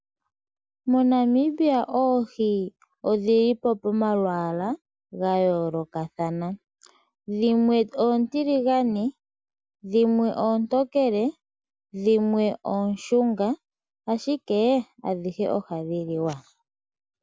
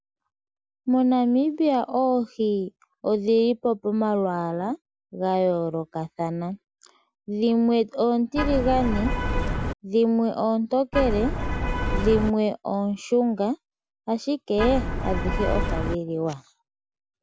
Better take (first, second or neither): first